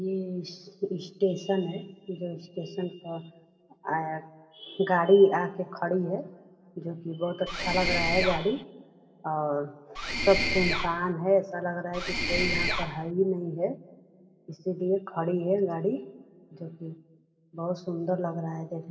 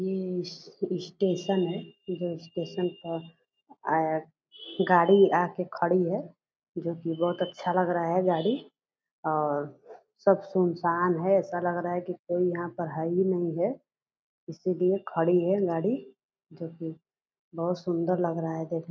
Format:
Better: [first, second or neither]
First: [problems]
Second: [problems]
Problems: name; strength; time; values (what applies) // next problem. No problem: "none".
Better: second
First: background sound (Mechanisms); as loud as the speech // room echo; dies away in 1.8 s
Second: none